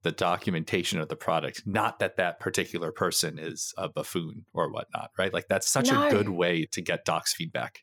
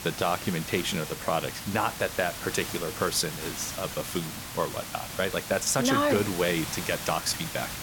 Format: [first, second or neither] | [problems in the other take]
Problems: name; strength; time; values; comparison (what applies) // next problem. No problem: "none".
first | hiss; loud; throughout; 7 dB below the speech